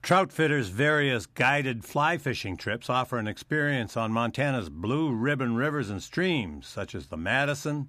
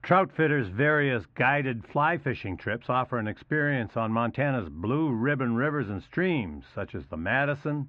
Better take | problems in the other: first | muffled; very; fading above 2.5 kHz

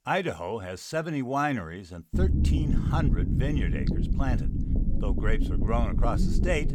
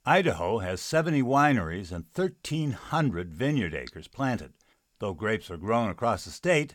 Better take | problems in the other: second | low rumble; loud; from 2 s on; 6 dB below the speech

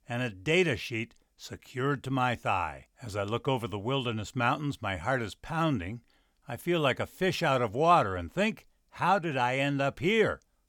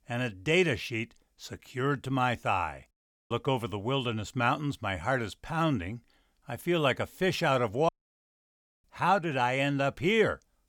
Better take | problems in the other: first | audio cutting out; at 3 s and at 8 s for 1 s

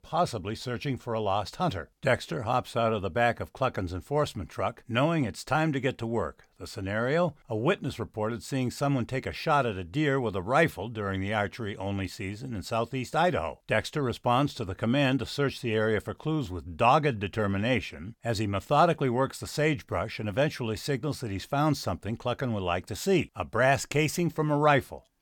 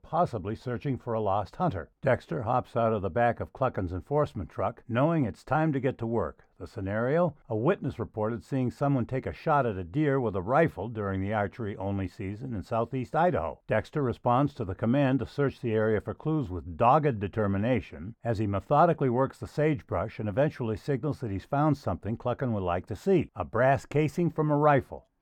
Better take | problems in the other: first | muffled; slightly; fading above 2 kHz

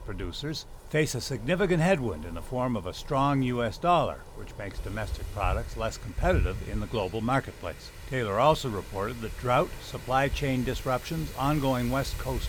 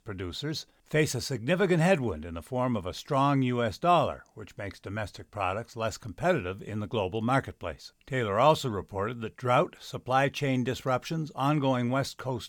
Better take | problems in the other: second | wind in the background; noticeable; throughout; 10 dB below the speech

